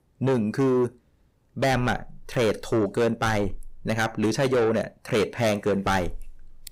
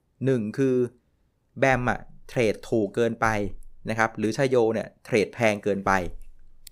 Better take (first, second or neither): second